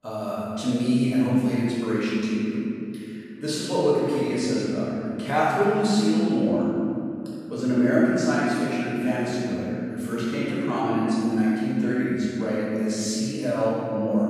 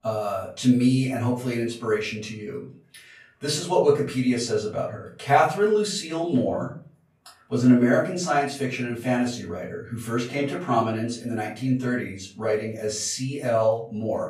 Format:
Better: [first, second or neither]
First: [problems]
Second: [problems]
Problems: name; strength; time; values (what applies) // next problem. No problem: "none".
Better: second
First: room echo; strong; dies away in 2.6 s // off-mic speech; far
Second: room echo; slight; dies away in 0.3 s // off-mic speech; far